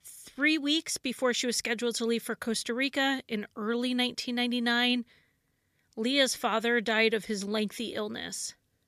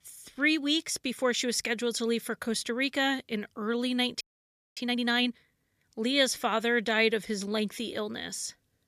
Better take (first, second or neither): first